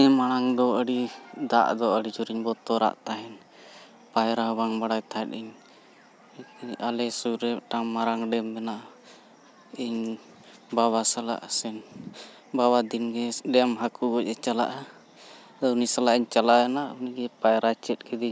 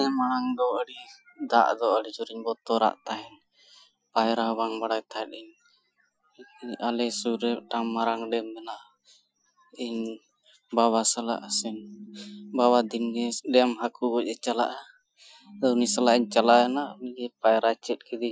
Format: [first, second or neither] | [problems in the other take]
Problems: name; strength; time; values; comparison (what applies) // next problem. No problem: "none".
first | noise reduction (classical method Wiener filter)